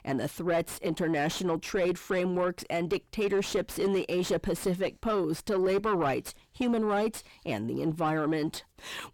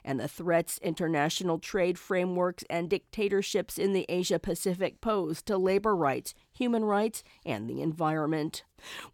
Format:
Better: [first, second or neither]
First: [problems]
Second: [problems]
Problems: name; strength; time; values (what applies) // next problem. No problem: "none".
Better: second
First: distortion; slight; 9 dB below the speech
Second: none